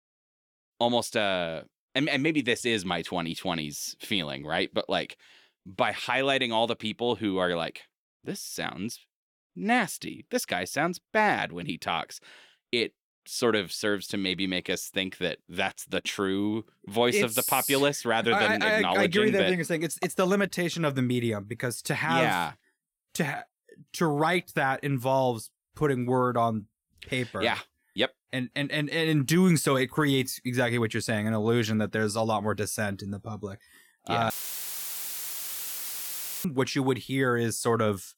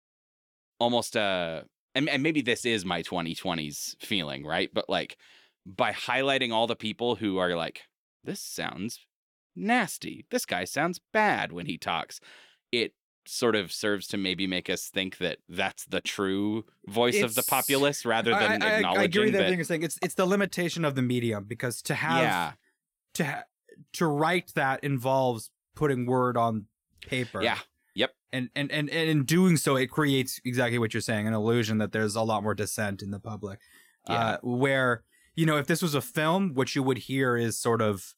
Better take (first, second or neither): second